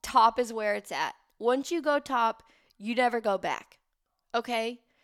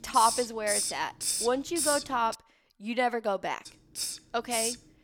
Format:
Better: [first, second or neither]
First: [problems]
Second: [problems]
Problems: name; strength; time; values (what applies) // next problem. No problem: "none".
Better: first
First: none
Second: hiss; loud; until 2.5 s and from 3.5 s on; 1 dB below the speech